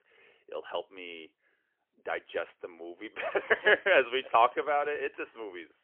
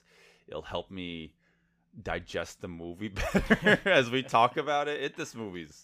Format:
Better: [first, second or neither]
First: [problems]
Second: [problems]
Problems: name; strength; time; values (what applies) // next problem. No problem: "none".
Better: second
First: phone-call audio; poor line; nothing above 3 kHz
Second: none